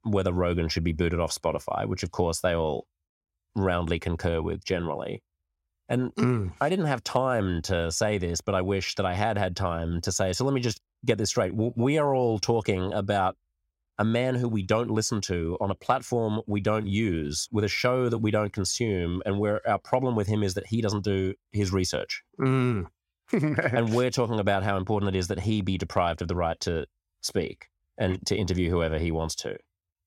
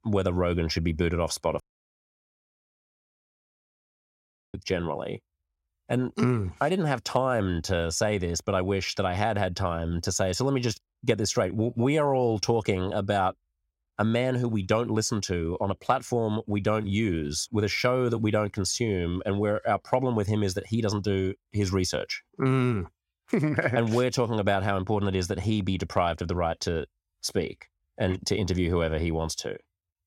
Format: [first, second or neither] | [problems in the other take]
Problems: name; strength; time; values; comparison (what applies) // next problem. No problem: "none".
first | audio cutting out; at 1.5 s for 3 s